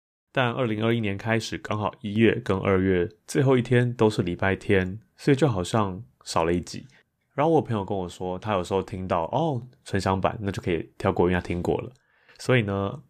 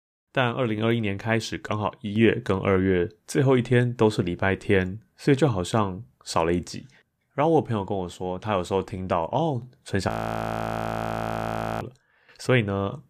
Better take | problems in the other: first | audio freezing; at 10 s for 1.5 s

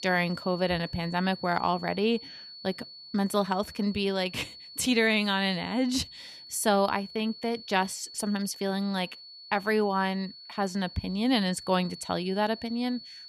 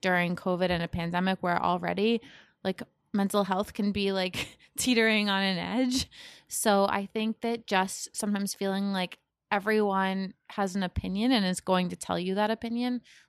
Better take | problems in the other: second | high-pitched whine; noticeable; throughout; 4.5 kHz, 15 dB below the speech

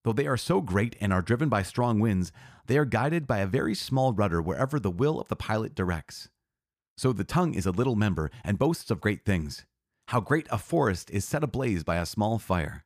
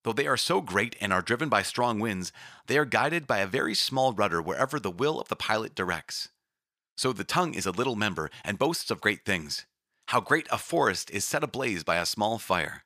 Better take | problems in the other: first | thin; somewhat; fading below 650 Hz

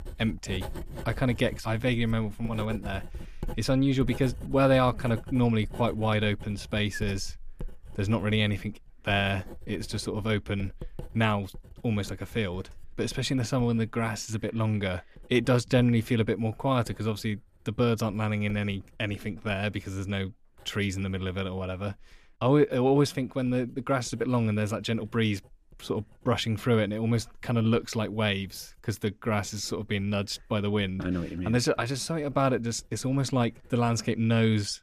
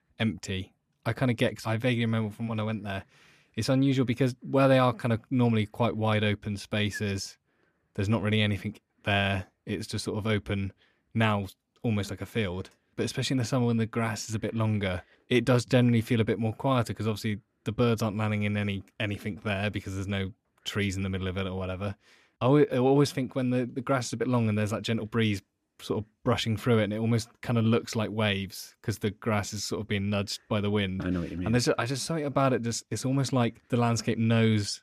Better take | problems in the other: second | household noises; noticeable; throughout; 20 dB below the speech

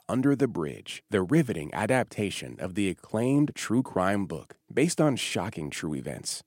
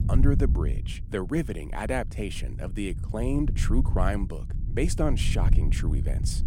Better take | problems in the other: first | low rumble; noticeable; throughout; 10 dB below the speech

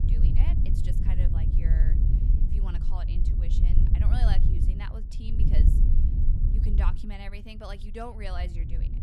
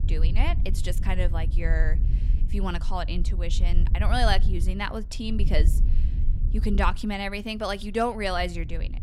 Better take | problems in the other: second | wind noise on the microphone; heavy; 1 dB below the speech; occasional gusts in the second

